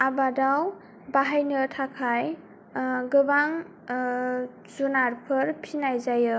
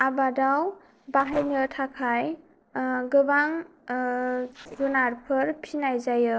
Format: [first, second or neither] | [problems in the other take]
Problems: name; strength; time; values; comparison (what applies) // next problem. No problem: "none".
first | noise reduction (neural separator model SepFormer DNS4)